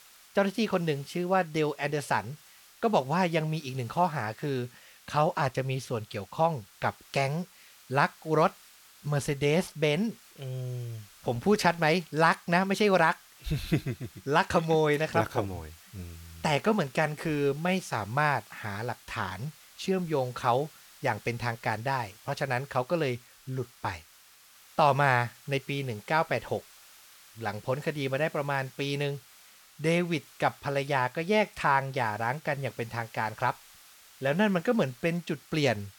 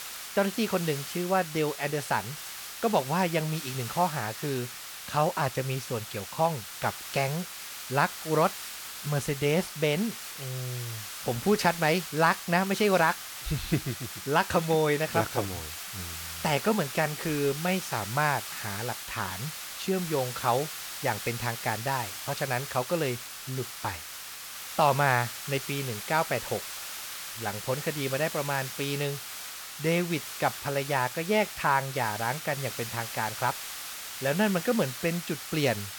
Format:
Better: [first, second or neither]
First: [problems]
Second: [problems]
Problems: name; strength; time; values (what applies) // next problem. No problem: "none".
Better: first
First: hiss; faint; throughout; 25 dB below the speech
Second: hiss; loud; throughout; 8 dB below the speech